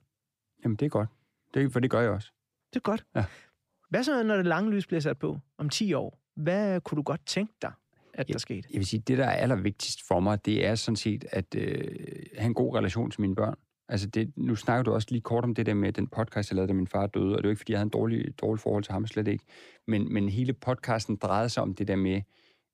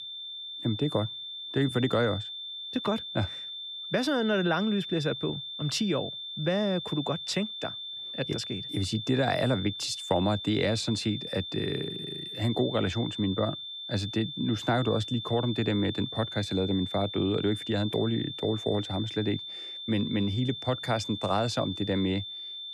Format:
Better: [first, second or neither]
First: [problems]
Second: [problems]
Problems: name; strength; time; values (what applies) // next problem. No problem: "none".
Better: first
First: none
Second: high-pitched whine; loud; throughout; 3.5 kHz, 7 dB below the speech